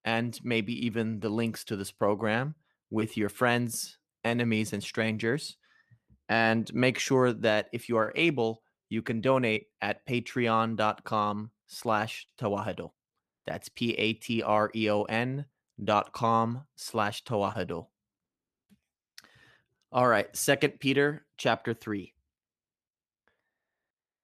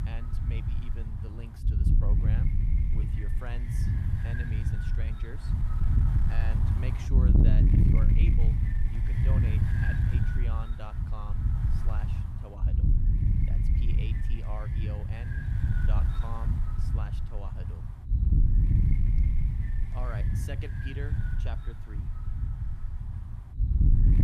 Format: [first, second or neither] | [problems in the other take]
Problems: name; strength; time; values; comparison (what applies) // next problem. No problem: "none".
first | wind noise on the microphone; heavy; 4 dB above the speech